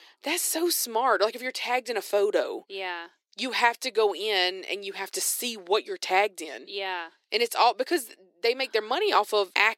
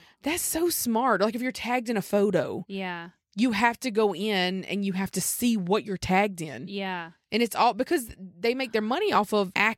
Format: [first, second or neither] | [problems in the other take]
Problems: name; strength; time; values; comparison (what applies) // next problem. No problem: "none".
second | thin; very; fading below 350 Hz